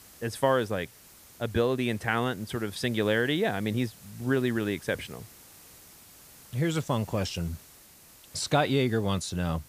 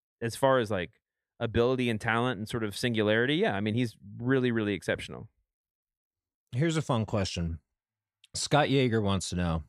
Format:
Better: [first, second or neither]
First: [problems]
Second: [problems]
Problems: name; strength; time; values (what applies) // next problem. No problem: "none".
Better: second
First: hiss; faint; throughout; 20 dB below the speech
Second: none